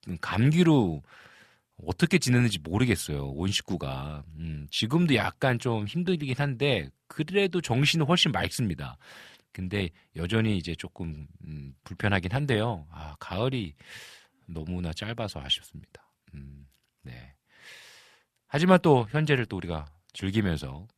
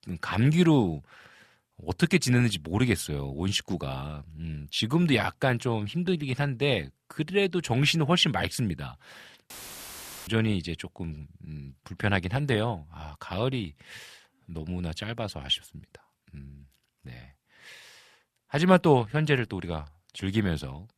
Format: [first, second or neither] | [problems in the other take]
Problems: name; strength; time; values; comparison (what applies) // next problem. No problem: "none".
first | audio cutting out; filled with static; at 9.5 s for 1 s